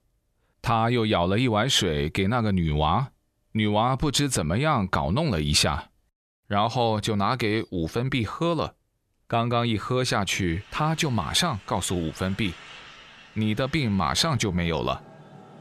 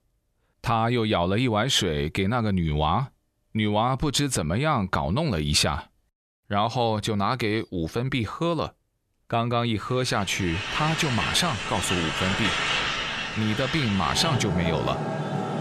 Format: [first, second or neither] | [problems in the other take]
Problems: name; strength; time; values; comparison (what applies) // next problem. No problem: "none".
first | traffic noise; loud; from 10 s on; 2 dB below the speech; faint in the first